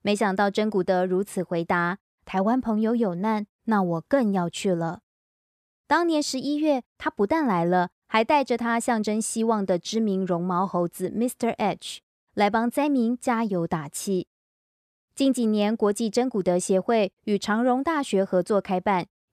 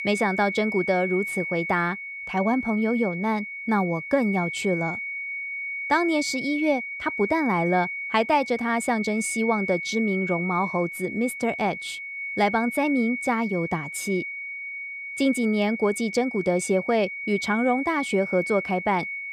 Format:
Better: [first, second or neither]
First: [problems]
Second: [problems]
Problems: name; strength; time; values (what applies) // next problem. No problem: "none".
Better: first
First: none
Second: high-pitched whine; loud; throughout; 2 kHz, 6 dB below the speech